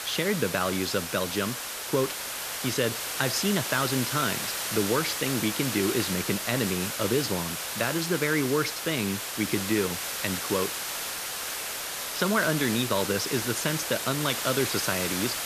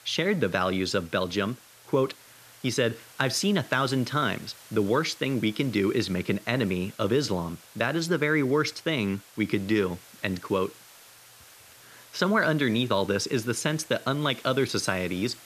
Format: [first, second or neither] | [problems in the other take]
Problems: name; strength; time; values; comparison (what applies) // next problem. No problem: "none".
second | hiss; loud; throughout; 2 dB below the speech; faint in the second